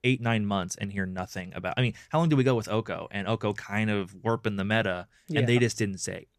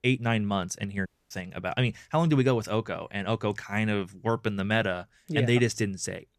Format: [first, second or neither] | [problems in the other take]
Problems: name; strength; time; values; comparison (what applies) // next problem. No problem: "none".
first | audio cutting out; at 1 s